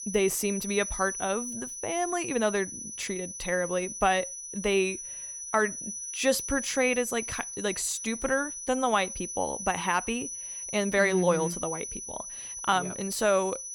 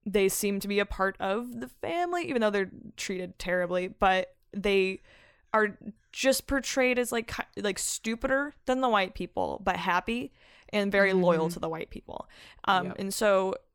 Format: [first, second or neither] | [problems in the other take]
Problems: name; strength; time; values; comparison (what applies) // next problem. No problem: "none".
second | high-pitched whine; loud; throughout; 6 kHz, 7 dB below the speech